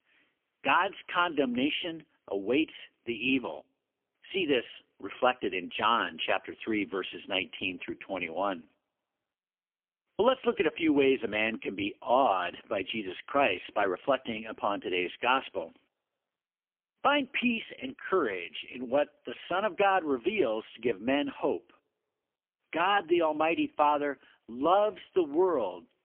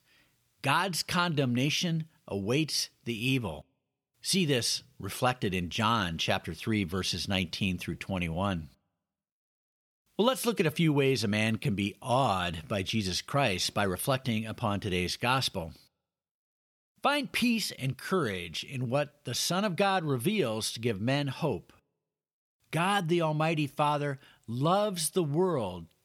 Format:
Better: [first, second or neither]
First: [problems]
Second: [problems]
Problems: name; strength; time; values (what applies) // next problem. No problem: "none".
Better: second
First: phone-call audio; poor line; nothing above 3 kHz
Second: none